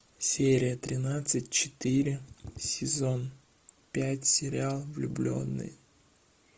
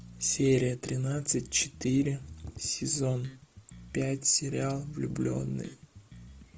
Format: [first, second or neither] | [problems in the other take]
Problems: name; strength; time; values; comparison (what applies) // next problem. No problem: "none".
first | background sound (Bass guitar); 19 dB below the speech